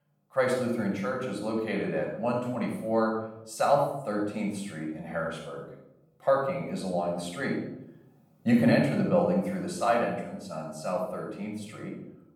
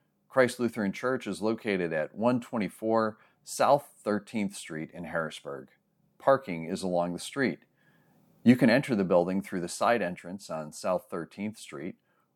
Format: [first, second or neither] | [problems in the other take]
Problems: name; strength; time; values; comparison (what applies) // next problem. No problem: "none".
second | off-mic speech; somewhat distant // room echo; noticeable; dies away in 0.7 s